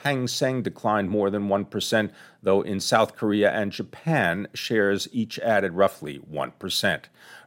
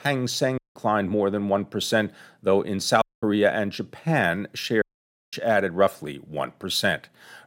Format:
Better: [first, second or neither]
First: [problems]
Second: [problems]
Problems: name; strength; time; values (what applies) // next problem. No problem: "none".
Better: first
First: none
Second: audio cutting out; at 0.5 s, at 3 s and at 5 s for 0.5 s